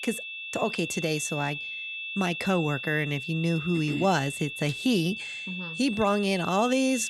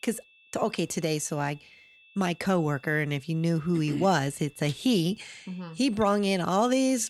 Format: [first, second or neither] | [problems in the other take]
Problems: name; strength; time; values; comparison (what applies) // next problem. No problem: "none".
second | high-pitched whine; loud; throughout; 2.5 kHz, 7 dB below the speech; faint in the second